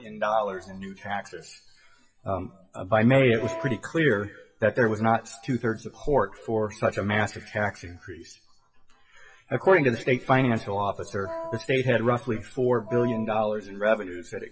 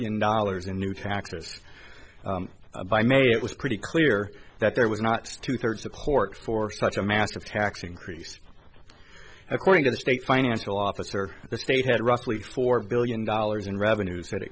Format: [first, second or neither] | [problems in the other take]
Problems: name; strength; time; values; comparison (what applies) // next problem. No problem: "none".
second | noise reduction (classical method WPE with log-MMSE)